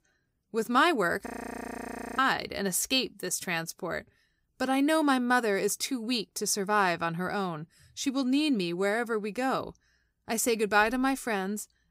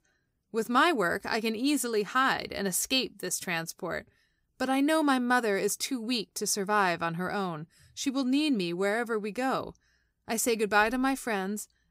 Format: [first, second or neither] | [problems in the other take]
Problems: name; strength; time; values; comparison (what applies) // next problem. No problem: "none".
second | audio freezing; at 1.5 s for 1 s